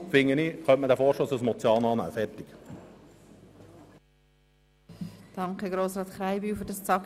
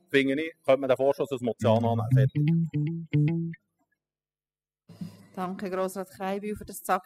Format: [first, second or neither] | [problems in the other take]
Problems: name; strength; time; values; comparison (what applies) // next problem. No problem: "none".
first | noise reduction (classical method spectral subtraction)